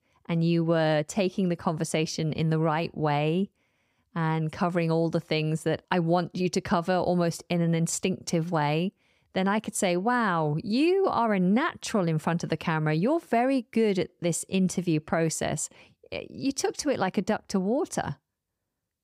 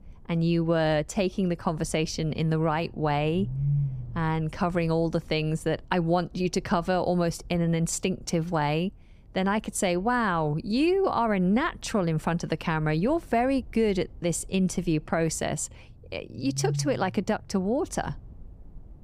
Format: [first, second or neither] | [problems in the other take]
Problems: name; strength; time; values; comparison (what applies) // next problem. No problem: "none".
first | low rumble; faint; throughout; 20 dB below the speech